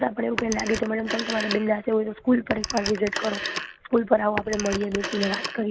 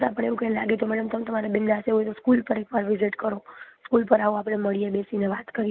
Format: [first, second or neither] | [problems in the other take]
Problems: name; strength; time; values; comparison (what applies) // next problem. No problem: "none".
second | background sound (Telephone); 8 dB below the speech